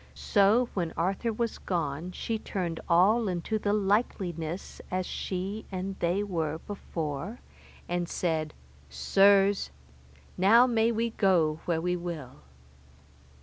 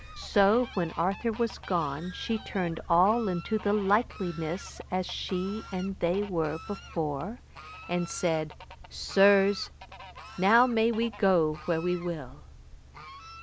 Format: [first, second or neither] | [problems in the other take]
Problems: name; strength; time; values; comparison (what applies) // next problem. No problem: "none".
first | background sound (Fowl); 18 dB below the speech